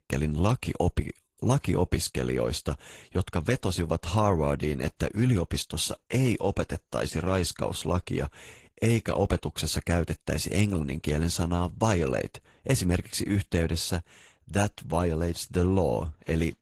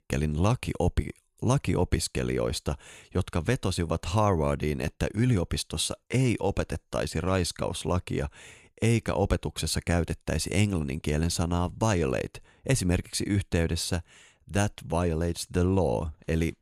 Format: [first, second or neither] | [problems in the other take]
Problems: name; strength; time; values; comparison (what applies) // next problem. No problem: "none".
second | garbled, watery; slightly; nothing above 15.5 kHz